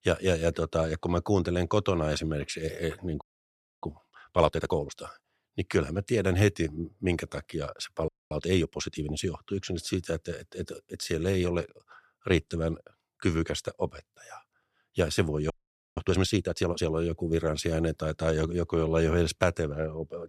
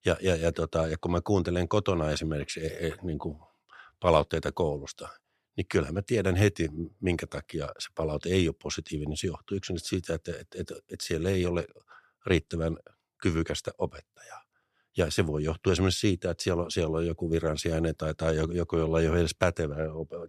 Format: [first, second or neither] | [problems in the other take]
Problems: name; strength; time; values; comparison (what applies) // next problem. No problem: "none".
second | audio freezing; at 3 s for 0.5 s, at 8 s and at 16 s